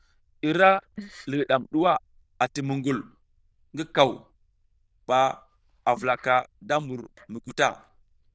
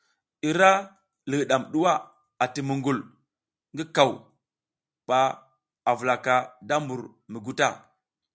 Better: second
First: noise reduction (neural diffusion model UNIVERSE++)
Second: none

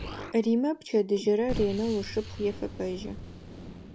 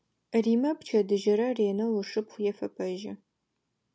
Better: second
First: background sound (Explosion); 11 dB below the speech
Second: none

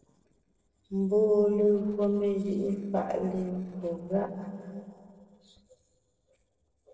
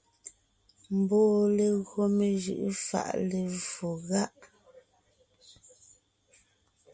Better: second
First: noise reduction (neural separator model SepFormer DNS4)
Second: none

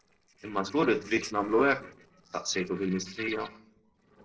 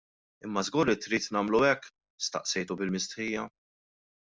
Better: second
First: noise reduction (neural separator model SepFormer DNS4)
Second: none

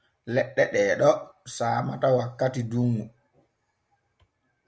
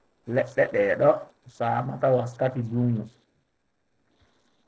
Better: first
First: none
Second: noise reduction (neural separator model SepFormer DNS4)

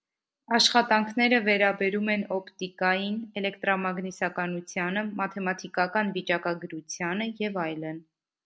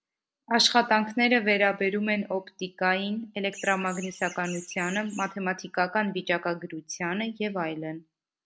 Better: first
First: none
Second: background sound (Chirp, tweet); 16 dB below the speech

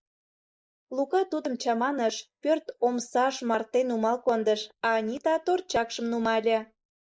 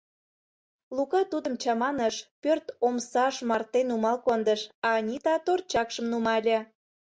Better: second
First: noise reduction (neural mask model Resemble Enhance denoiser)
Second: none

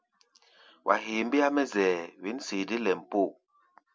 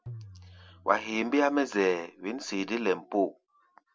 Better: first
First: none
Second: background sound (Tabla); 20 dB below the speech

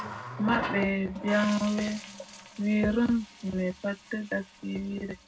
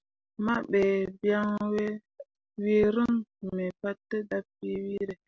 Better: second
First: background sound (Water tap, faucet); 12 dB below the speech // room echo; dies away in 0.3 s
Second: none

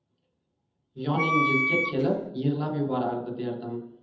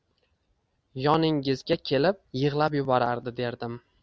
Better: second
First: background sound (Wind instrument, woodwind instrument); 2 dB above the speech // room echo; dies away in 0.8 s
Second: none

